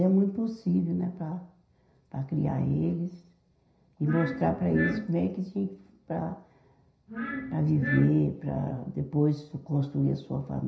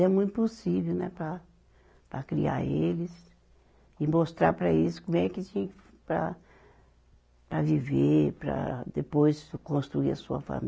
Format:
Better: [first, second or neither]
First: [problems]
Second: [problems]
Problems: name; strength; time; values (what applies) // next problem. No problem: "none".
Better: second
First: background sound (Glass); 6 dB below the speech // room echo; dies away in 0.5 s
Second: none